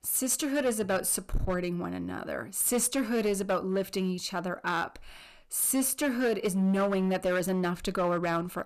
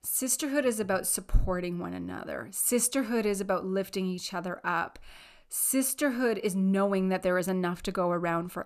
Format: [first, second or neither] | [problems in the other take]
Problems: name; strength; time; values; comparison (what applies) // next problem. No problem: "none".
second | distortion; slight; 9% of the sound clipped